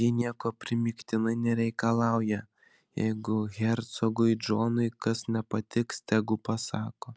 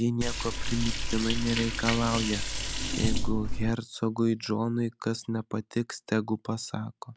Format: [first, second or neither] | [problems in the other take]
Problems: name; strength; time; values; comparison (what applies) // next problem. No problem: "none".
first | background sound (Liquid); 1 dB above the speech